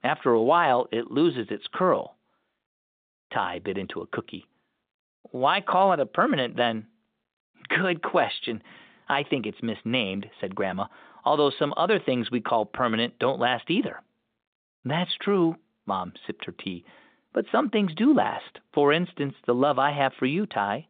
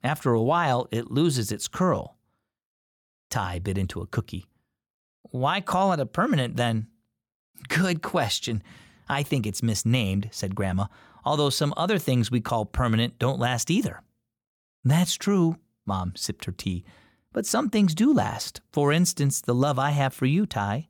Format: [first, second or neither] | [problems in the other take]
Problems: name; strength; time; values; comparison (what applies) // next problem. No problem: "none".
second | phone-call audio; nothing above 3.5 kHz